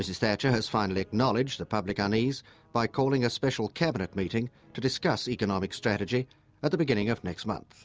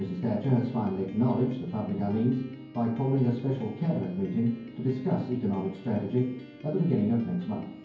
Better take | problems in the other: first | background sound (Piano); 19 dB below the speech // room echo; dies away in 0.9 s

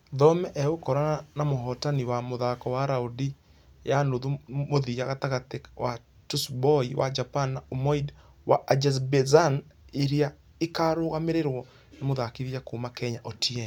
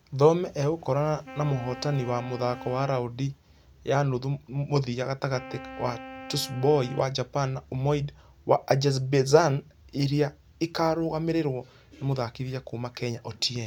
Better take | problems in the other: first | background sound (Wind instrument, woodwind instrument); 17 dB below the speech

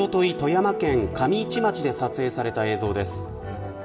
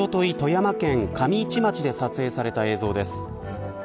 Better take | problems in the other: second | room echo; dies away in 2.8 s

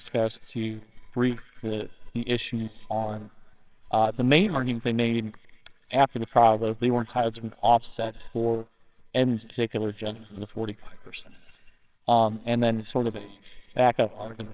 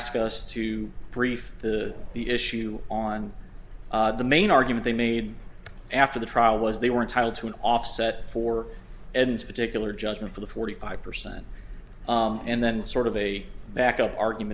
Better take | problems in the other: second | noise reduction (neural separator model SepFormer WHAMR!)

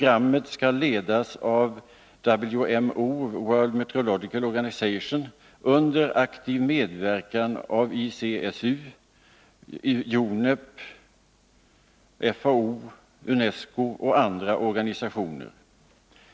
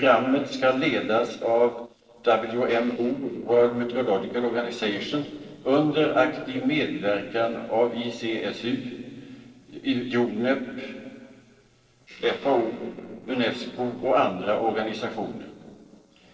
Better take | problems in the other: first | noise reduction (neural separator model SepFormer DNS4)

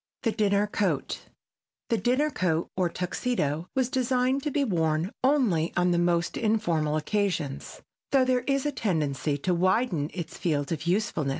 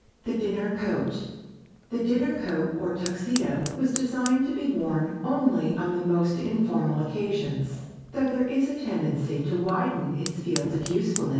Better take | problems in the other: first | background sound (Fire); 16 dB below the speech // room echo; dies away in 1.3 s

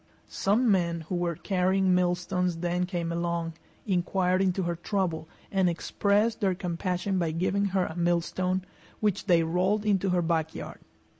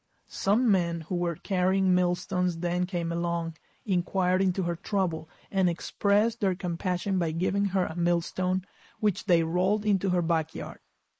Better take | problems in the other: first | noise reduction (neural mask model Resemble Enhance denoiser)

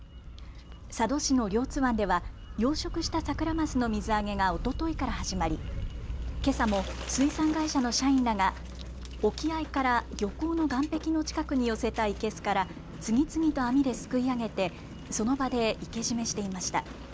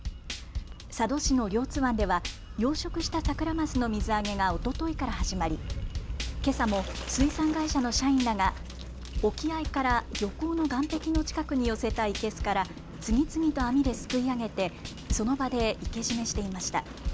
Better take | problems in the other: first | background sound (Drum / Drum kit); 8 dB below the speech

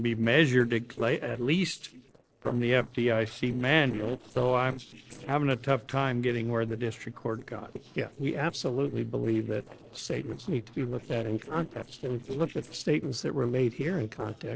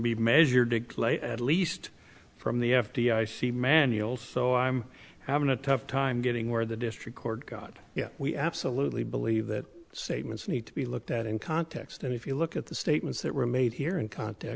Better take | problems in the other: second | noise reduction (neural separator model SepFormer DNS4)

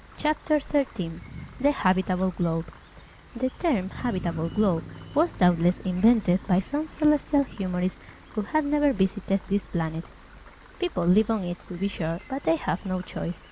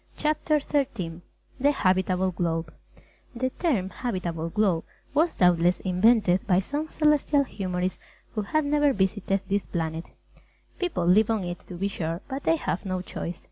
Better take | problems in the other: second | background sound (Motor vehicle (road) + Rain); 18 dB below the speech

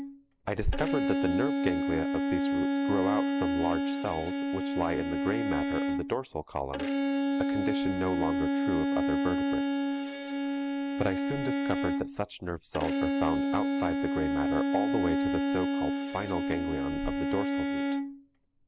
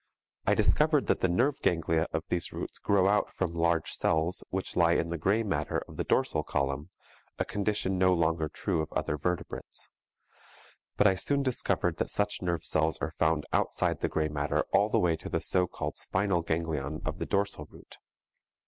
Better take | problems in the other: second | background sound (Bowed string instrument); 5 dB above the speech

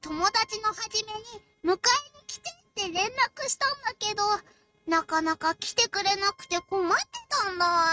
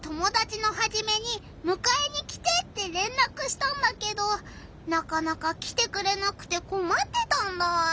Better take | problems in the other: second | noise reduction (neural mask model RNNoise)

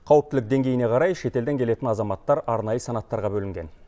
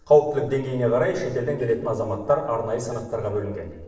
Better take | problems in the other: first | noise reduction (neural separator model SepFormer DNS4)

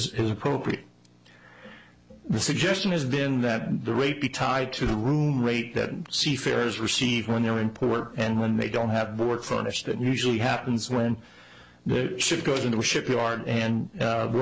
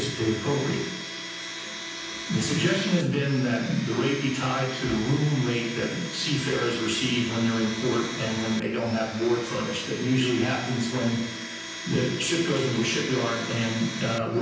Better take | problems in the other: first | background sound (Domestic sounds, home sounds); 10 dB below the speech // room echo; dies away in 0.9 s

